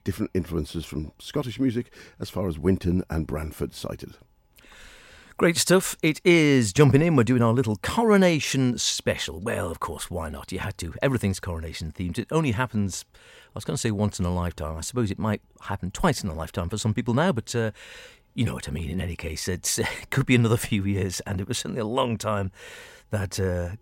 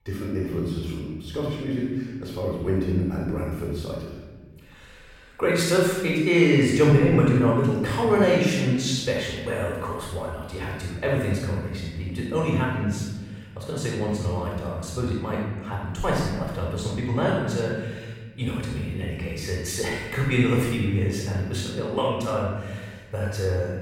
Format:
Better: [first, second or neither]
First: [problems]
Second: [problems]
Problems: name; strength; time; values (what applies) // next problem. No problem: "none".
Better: first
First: none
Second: off-mic speech; far // room echo; strong; dies away in 1.4 s